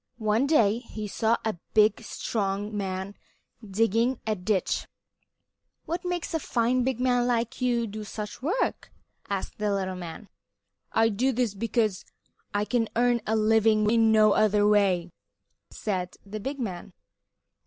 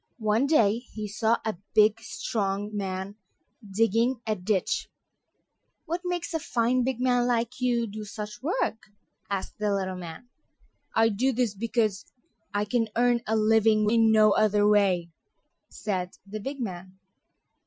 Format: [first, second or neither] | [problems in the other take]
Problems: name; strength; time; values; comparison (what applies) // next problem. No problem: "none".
first | noise reduction (classical method Wiener filter)